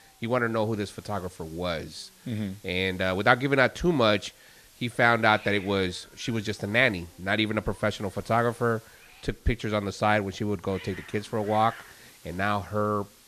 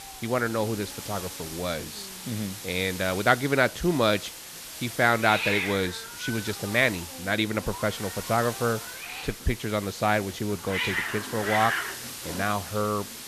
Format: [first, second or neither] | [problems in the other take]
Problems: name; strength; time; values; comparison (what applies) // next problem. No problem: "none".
first | hiss; loud; throughout; 7 dB below the speech; faint in the first